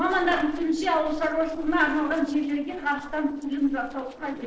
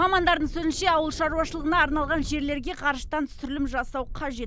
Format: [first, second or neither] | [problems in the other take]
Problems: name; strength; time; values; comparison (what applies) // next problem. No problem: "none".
second | noise reduction (neural separator model SepFormer DNS4)